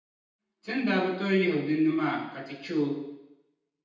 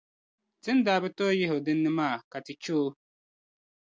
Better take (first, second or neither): second